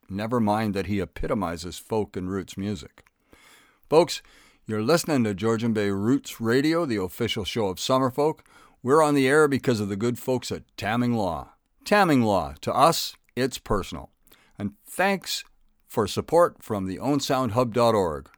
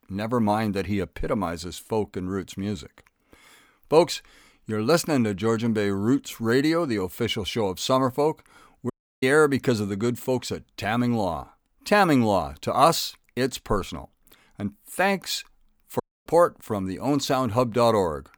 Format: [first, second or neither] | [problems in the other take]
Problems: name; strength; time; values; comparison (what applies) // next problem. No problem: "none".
first | audio cutting out; at 9 s and at 16 s